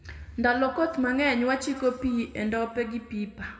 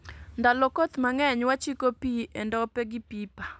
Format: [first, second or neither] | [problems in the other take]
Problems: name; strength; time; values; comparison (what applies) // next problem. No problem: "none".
second | room echo; dies away in 1.6 s